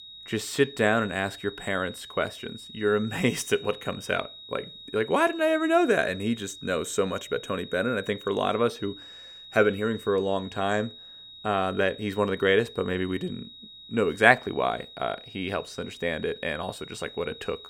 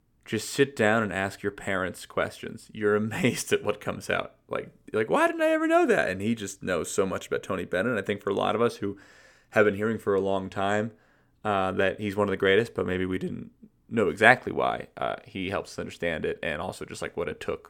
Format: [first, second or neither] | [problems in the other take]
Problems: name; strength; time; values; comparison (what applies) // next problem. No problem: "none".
second | high-pitched whine; noticeable; throughout; 4 kHz, 15 dB below the speech